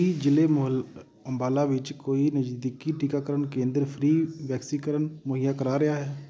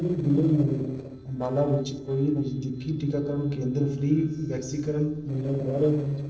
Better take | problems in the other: first | noise reduction (neural separator model SepFormer DNS4)

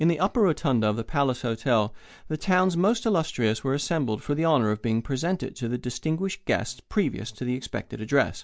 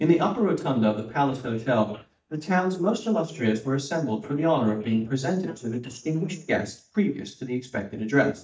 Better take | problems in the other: first | noise reduction (neural mask model DeepFilterNet 3)

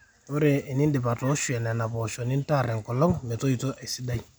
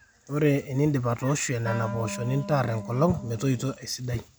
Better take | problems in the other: first | background sound (Wind instrument, woodwind instrument); 11 dB below the speech

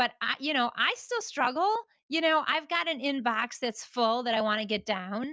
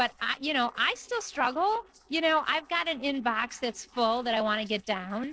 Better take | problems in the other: first | noise reduction (neural separator model SepFormer DNS4)

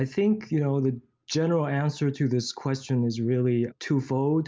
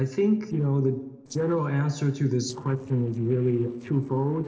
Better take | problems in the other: first | noise reduction (neural separator model SepFormer DNS4)

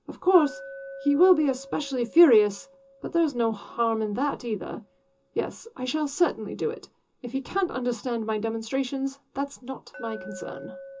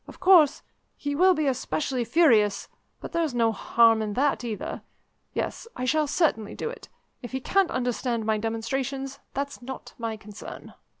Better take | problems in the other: second | background sound (Glass); 20 dB below the speech // room echo; dies away in 0.2 s

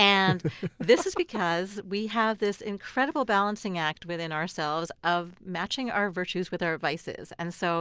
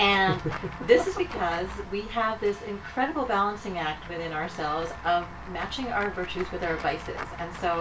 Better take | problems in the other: first | background sound (Walk, footsteps / Run / Bell); 12 dB below the speech // room echo; dies away in 0.3 s

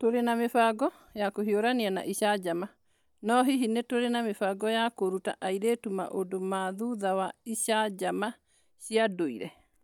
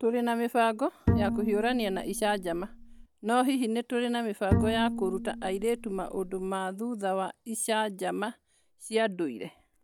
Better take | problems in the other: first | background sound (Bowed string instrument); 2 dB below the speech

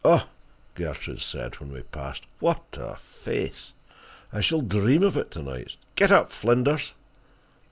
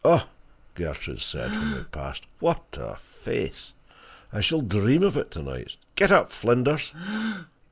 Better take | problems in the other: first | noise reduction (neural mask model Resemble Enhance denoiser)

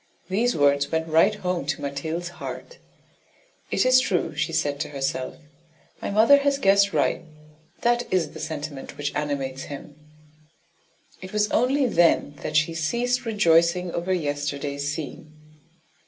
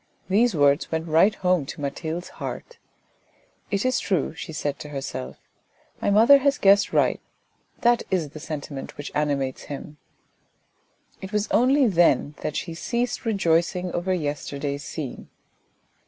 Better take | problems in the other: second | room echo; dies away in 0.2 s

